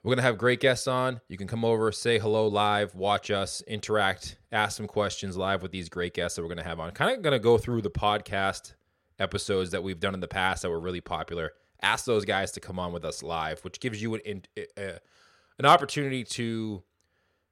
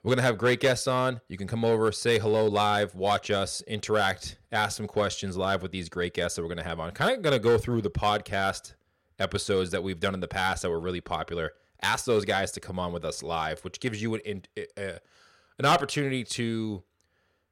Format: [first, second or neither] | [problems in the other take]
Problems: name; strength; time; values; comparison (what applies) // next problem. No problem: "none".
first | distortion; slight; 1.8% of the sound clipped